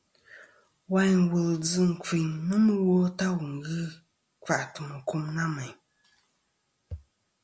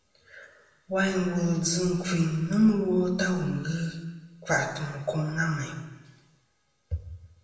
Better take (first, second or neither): first